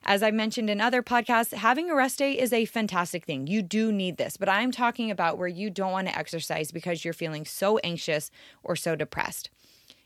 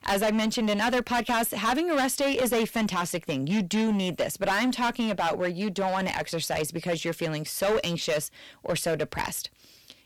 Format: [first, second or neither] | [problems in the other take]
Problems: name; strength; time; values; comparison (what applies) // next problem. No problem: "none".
first | distortion; heavy; 13% of the sound clipped